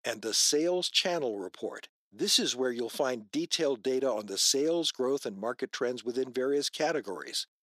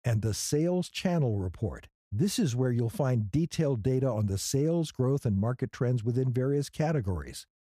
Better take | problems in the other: second | thin; somewhat; fading below 300 Hz

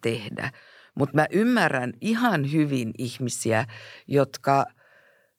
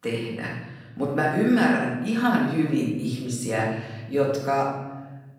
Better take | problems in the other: first | off-mic speech; far // room echo; noticeable; dies away in 1 s

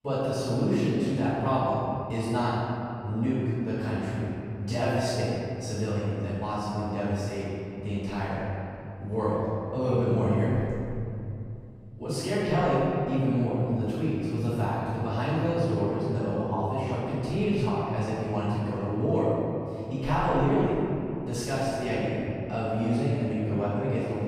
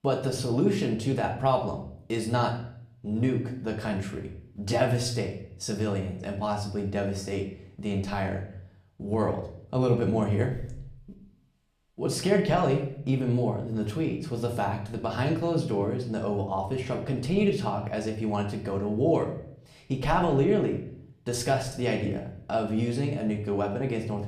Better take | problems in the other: second | room echo; strong; dies away in 2.8 s; slight in the second // off-mic speech; far; somewhat distant in the second

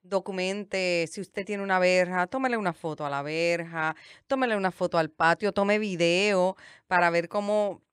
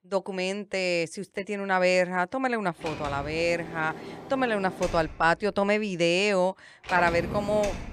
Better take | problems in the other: first | door banging; noticeable; from 3 s on; peak 7 dB below the speech

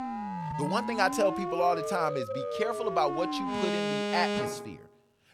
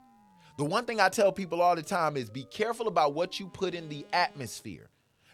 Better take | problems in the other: second | alarms or sirens; loud; throughout; 2 dB below the speech; faint in the second

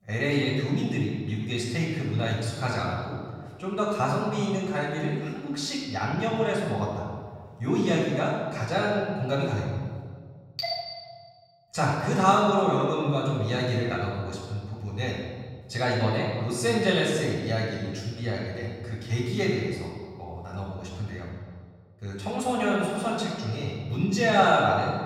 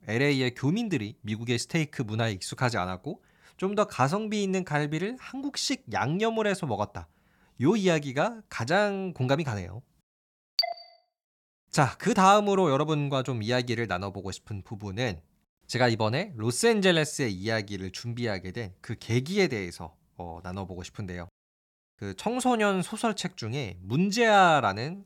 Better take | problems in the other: second | off-mic speech; far // room echo; noticeable; dies away in 1.5 s

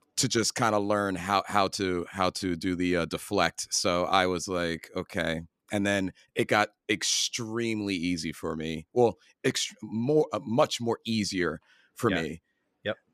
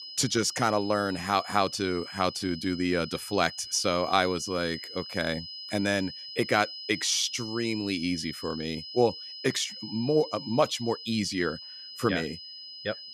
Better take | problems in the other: first | high-pitched whine; noticeable; throughout; 5 kHz, 10 dB below the speech

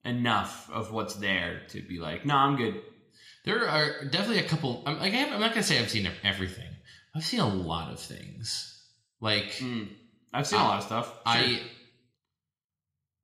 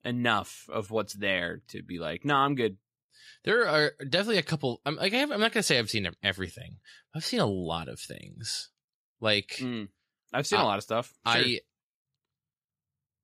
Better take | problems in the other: second | room echo; very slight; dies away in 0.6 s

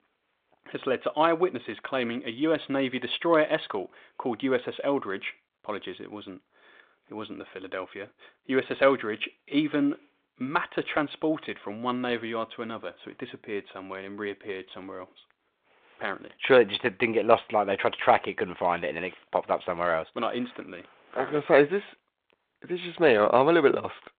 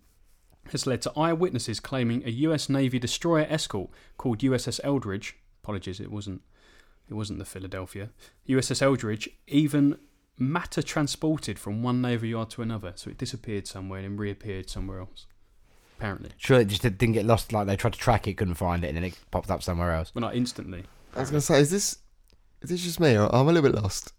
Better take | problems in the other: second | phone-call audio; nothing above 3.5 kHz

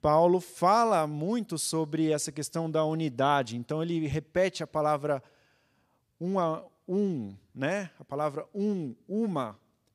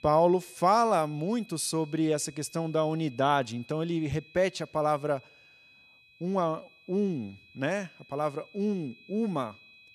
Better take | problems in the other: first | high-pitched whine; faint; throughout; 2.5 kHz, 25 dB below the speech

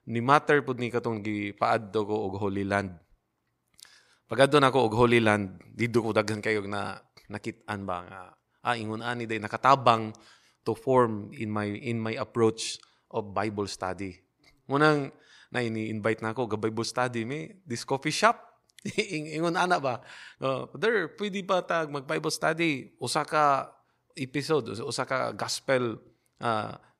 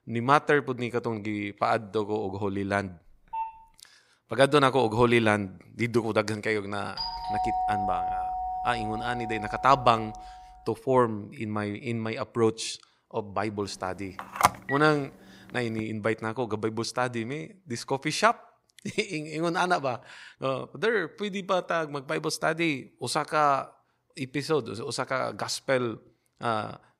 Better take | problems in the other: first | phone ringing; noticeable; at 3.5 s; peak 8 dB below the speech // doorbell; noticeable; from 7 to 10 s; peak level with the speech // phone ringing; loud; from 14 to 16 s; peak 3 dB above the speech

